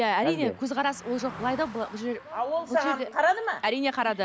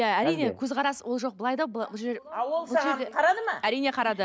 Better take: second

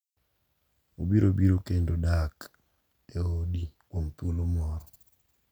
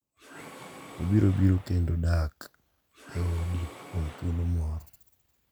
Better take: first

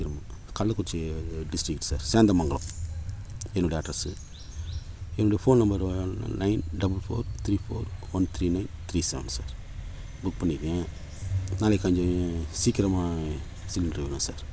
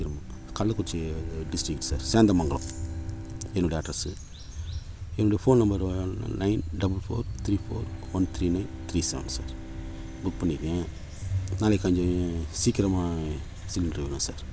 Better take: first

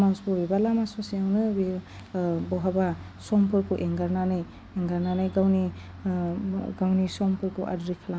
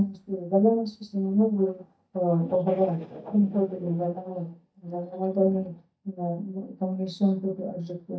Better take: first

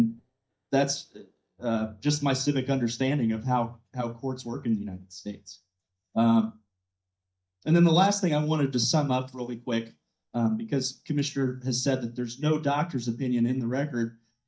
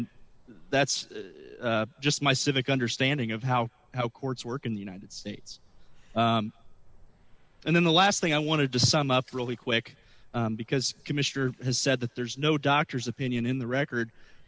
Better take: second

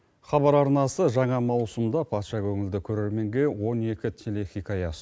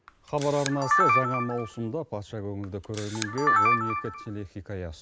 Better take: first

